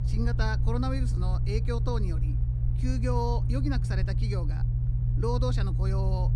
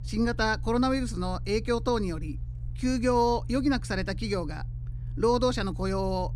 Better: second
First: low rumble; loud; throughout; 7 dB below the speech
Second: low rumble; faint; throughout; 25 dB below the speech

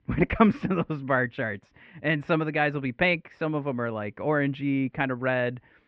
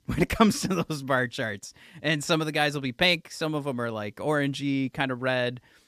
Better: second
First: muffled; very; fading above 2.5 kHz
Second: none

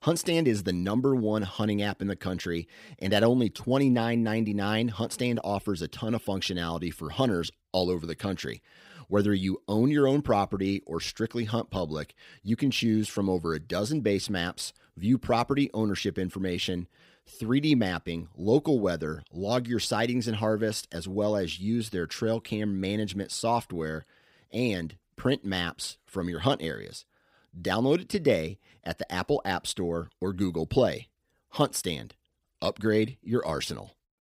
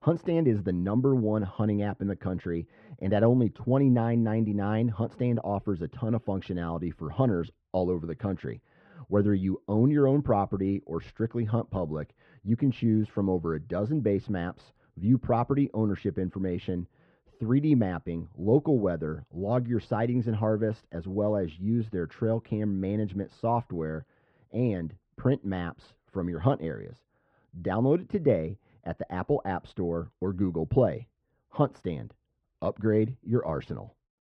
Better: first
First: none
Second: muffled; very; fading above 1 kHz

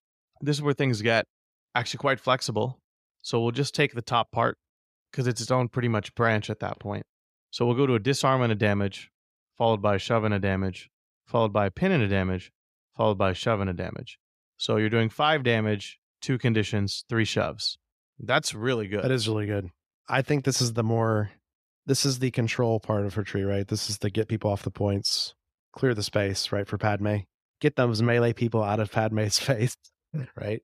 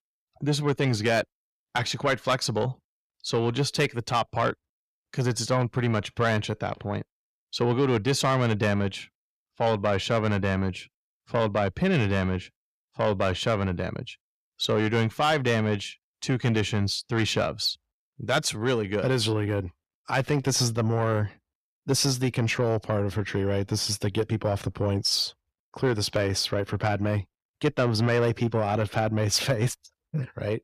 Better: first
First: none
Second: distortion; slight; 10 dB below the speech

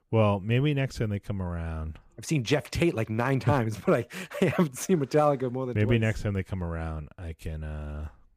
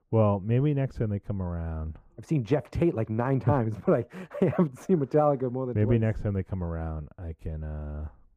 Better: first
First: none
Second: muffled; very; fading above 2 kHz

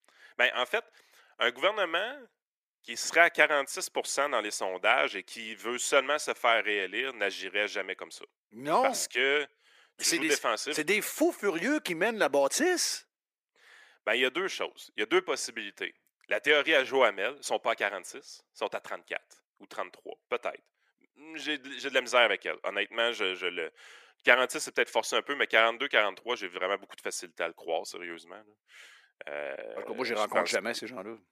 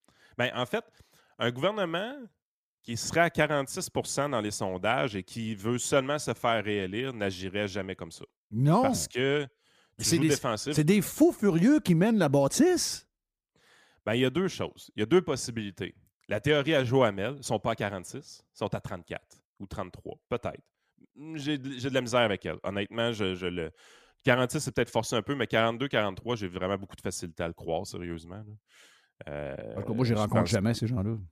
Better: second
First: thin; very; fading below 400 Hz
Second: none

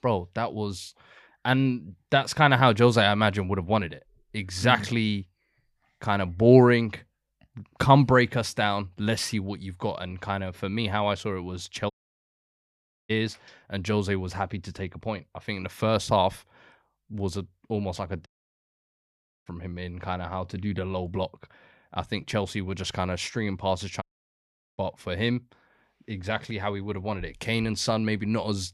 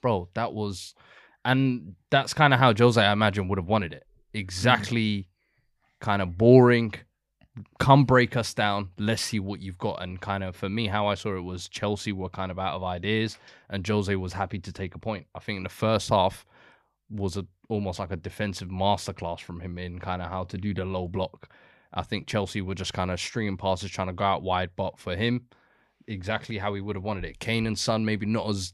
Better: second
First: audio cutting out; at 12 s for 1 s, at 18 s for 1 s and at 24 s for 1 s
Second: none

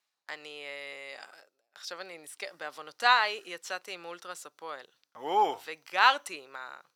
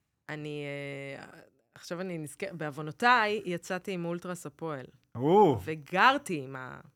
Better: second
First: thin; very; fading below 800 Hz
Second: none

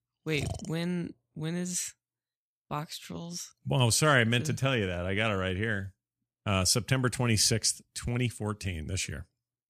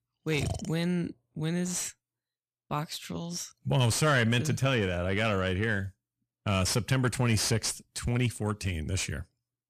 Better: first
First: none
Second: distortion; slight; 10 dB below the speech

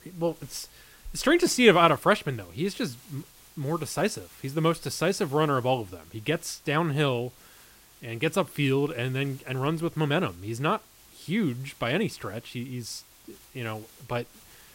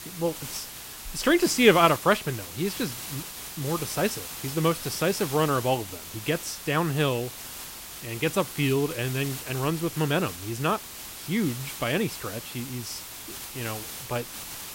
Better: first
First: hiss; faint; throughout; 25 dB below the speech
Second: hiss; loud; throughout; 9 dB below the speech

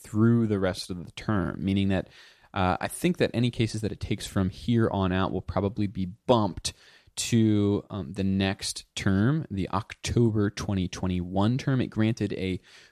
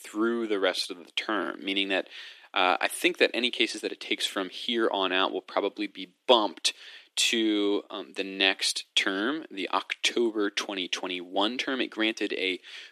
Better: first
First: none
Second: thin; somewhat; fading below 300 Hz

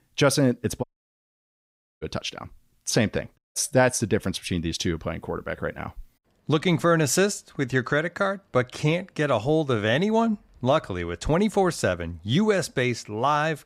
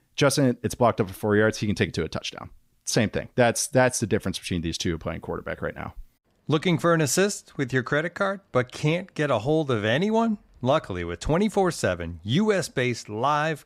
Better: second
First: audio cutting out; at 1 s for 1 s and at 3.5 s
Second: none

